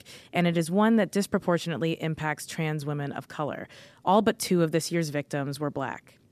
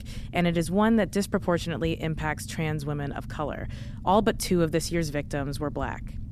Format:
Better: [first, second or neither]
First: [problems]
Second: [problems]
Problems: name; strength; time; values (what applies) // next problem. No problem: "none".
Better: first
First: none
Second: low rumble; faint; throughout; 25 dB below the speech